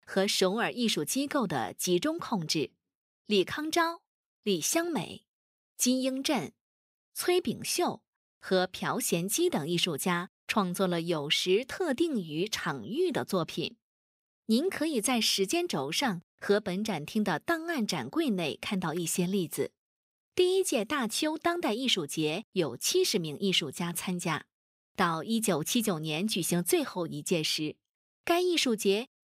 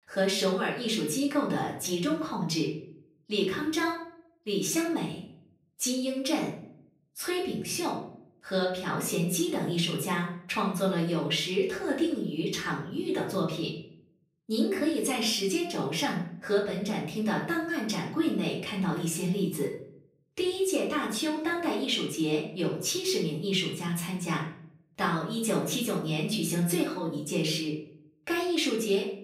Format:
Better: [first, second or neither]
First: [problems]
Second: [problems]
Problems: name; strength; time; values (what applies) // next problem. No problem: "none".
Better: first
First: none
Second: off-mic speech; far // room echo; slight; dies away in 0.5 s